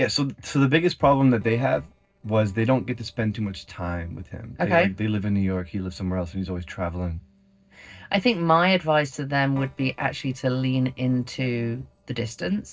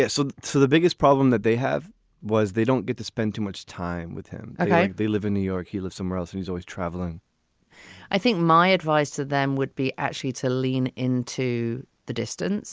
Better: second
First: noise reduction (neural separator model SepFormer DNS4)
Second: none

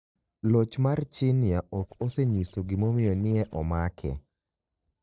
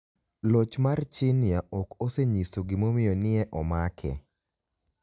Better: second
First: noise reduction (neural separator model SepFormer DNS4)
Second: none

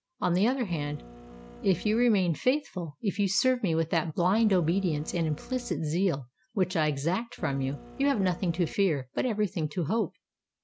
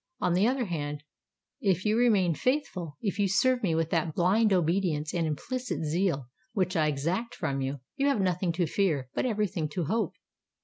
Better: second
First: background sound (Printer); 17 dB below the speech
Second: none

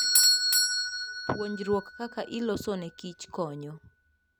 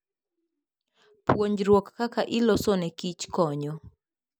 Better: second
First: background sound (Bell / Doorbell); 5 dB above the speech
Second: none

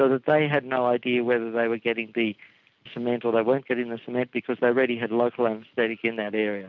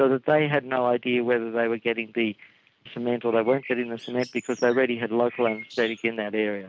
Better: first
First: none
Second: background sound (Bird); 17 dB below the speech

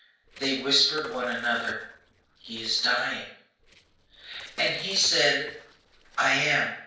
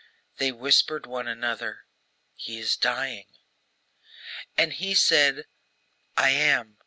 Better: second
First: noise reduction (neural separator model SepFormer DNS4)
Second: none

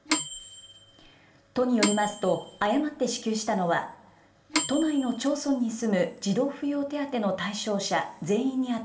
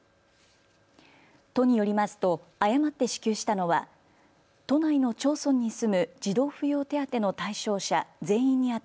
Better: second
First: background sound (Microwave oven / Bell); 5 dB below the speech // room echo; dies away in 0.8 s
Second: none

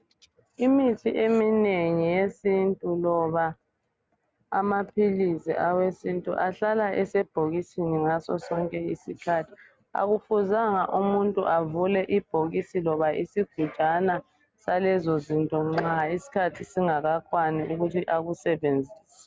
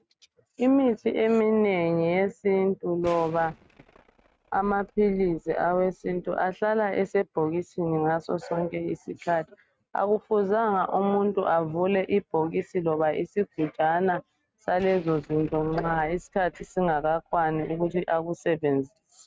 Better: first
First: none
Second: noise reduction (neural mask model RNNoise)

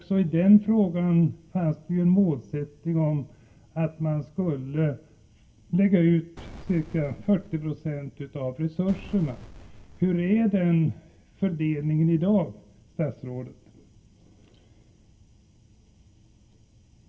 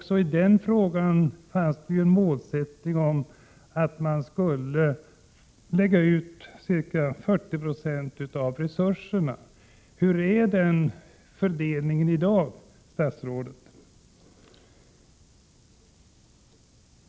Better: second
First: background sound (Boom); 18 dB below the speech // room echo; dies away in 0.2 s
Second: none

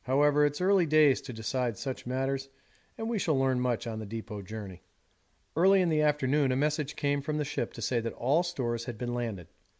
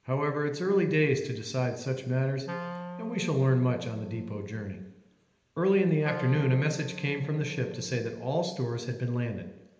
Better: first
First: none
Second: background sound (Wind instrument, woodwind instrument); 13 dB below the speech // room echo; dies away in 0.9 s

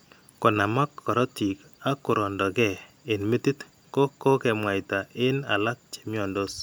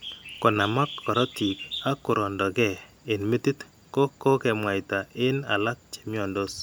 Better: first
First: none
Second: background sound (Bird); 16 dB below the speech

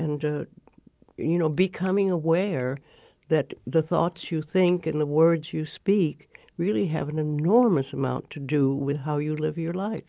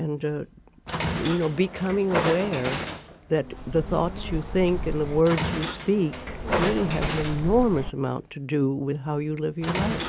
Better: first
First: none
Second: background sound (Train + Bird); 5 dB below the speech

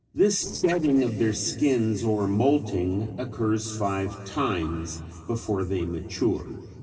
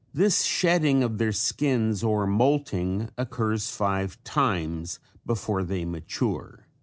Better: second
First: noise reduction (neural separator model SepFormer DNS4)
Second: none

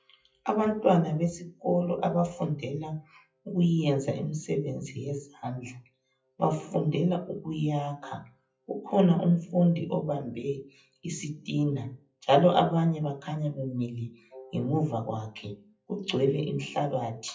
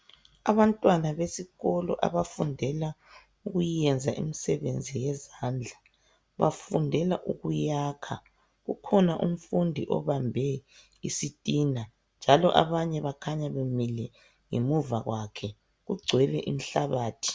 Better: second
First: noise reduction (classical method WPE with log-MMSE)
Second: none

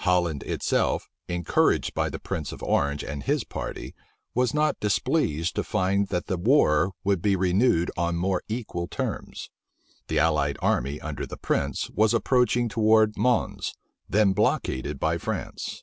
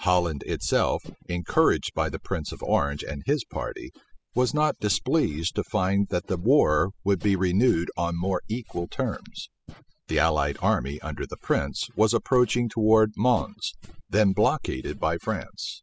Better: first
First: none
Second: noise reduction (classical method spectral subtraction)

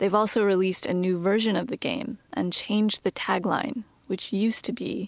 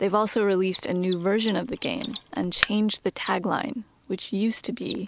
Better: first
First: none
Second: background sound (Mechanisms); 13 dB below the speech

